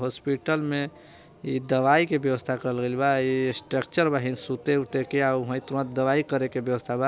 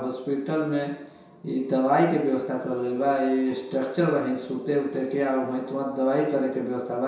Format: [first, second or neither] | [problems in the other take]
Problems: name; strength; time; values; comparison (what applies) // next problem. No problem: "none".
first | room echo; dies away in 0.7 s